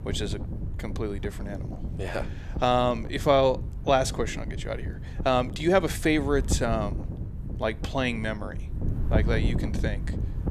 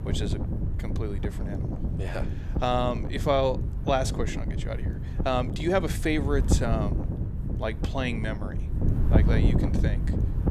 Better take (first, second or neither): first